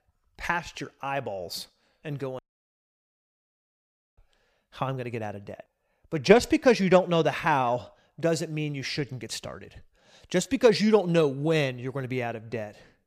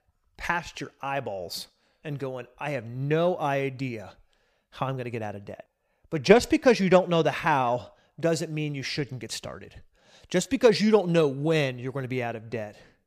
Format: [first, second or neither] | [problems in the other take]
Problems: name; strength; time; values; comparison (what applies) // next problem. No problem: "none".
second | audio cutting out; at 2.5 s for 2 s